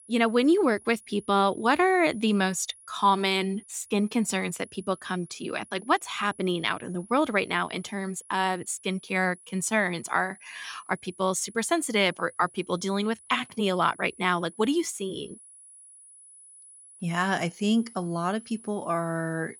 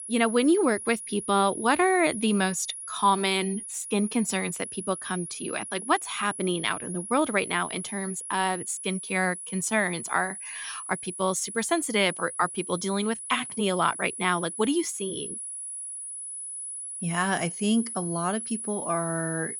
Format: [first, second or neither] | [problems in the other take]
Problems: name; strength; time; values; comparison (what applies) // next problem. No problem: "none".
first | high-pitched whine; loud; throughout; 10 kHz, 8 dB below the speech; faint in the first